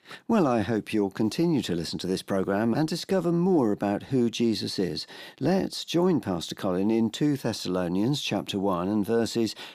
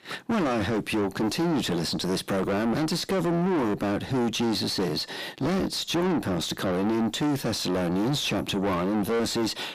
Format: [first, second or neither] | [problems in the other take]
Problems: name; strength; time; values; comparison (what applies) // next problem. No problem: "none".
first | distortion; heavy; 6 dB below the speech